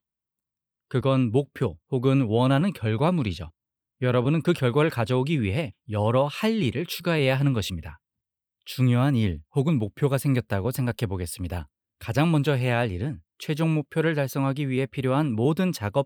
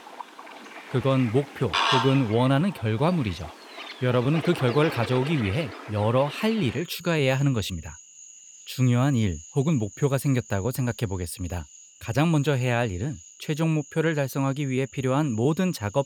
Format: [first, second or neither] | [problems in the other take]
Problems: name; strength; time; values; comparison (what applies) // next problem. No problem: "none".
first | animal sounds; noticeable; throughout; 10 dB below the speech